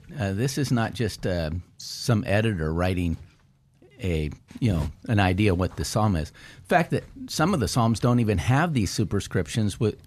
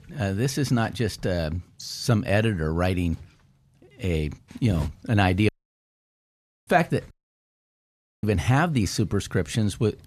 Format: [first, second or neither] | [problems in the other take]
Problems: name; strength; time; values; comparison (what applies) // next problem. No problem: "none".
first | audio cutting out; at 5.5 s for 1 s and at 7 s for 1 s